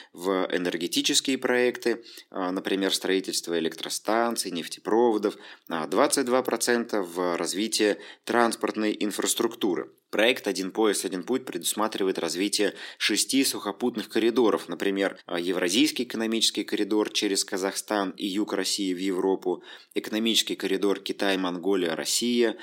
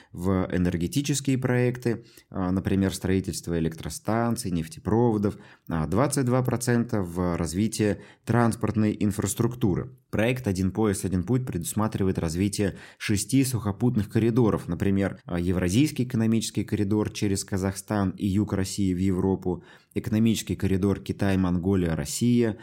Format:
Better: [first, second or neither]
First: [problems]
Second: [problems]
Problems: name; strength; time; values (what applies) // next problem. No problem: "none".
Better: second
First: thin; somewhat; fading below 300 Hz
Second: none